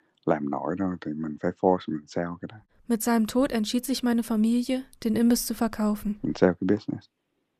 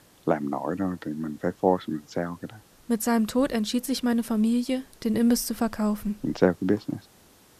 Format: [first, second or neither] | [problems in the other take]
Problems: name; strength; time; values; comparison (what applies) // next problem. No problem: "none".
first | hiss; faint; throughout; 30 dB below the speech